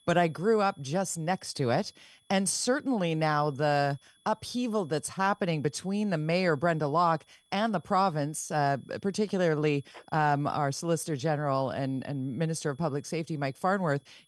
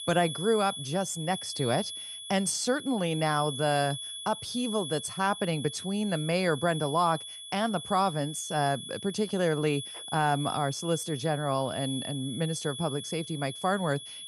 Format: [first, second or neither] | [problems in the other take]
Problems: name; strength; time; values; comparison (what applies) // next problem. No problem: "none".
first | high-pitched whine; loud; throughout; 3.5 kHz, 8 dB below the speech; faint in the first